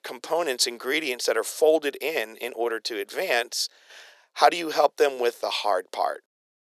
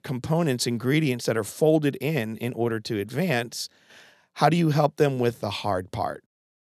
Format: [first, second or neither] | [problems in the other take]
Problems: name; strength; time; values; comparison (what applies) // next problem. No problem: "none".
second | thin; very; fading below 400 Hz